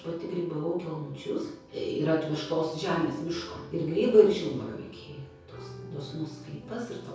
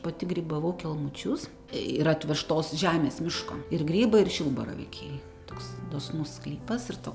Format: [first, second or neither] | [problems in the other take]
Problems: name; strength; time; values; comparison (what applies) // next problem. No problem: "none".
second | room echo; dies away in 0.6 s